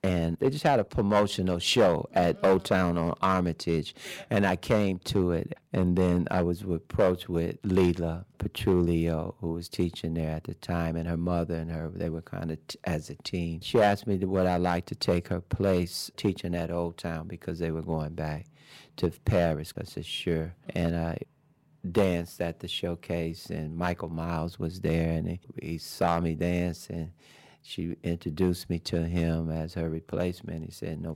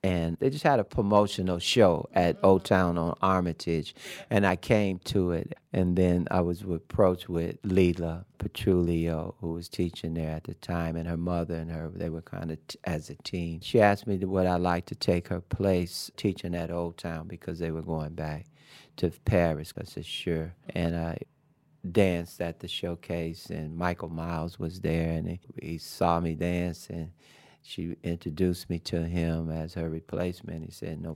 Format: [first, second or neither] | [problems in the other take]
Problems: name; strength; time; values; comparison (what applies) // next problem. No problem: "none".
second | distortion; slight; 1.4% of the sound clipped